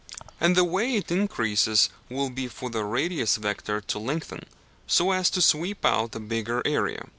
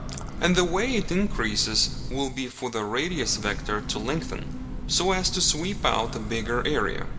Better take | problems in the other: first | background sound (Train / Breathing); 6 dB below the speech // room echo; dies away in 2.8 s

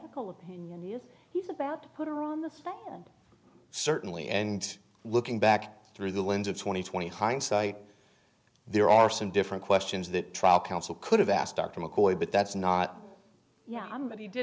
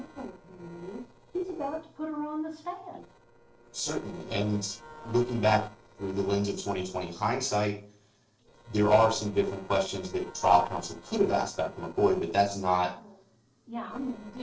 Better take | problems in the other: first | noise reduction (neural separator model SepFormer DNS4)

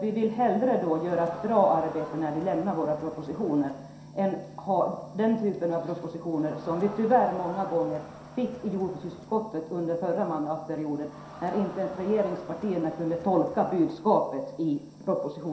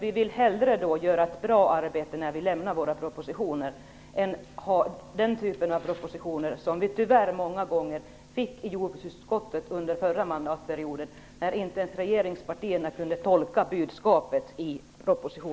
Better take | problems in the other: second | background sound (Crowd); 18 dB below the speech // room echo; dies away in 0.7 s

